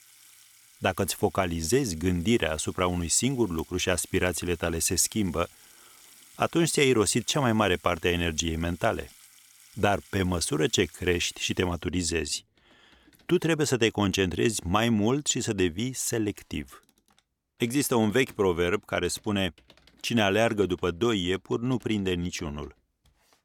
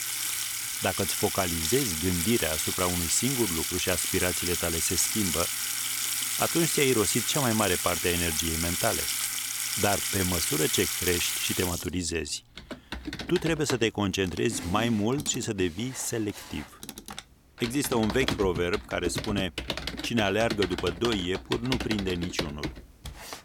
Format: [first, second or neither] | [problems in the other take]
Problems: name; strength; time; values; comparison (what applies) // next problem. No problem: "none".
first | household noises; loud; throughout; 1 dB below the speech; faint in the first